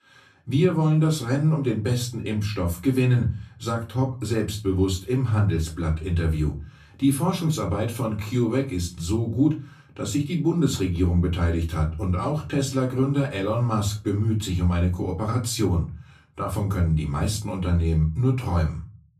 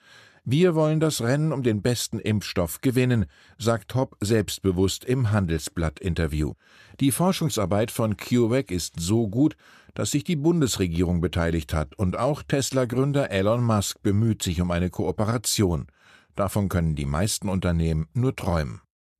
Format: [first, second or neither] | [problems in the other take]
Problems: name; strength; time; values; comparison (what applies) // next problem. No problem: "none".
second | off-mic speech; far // room echo; very slight; dies away in 0.3 s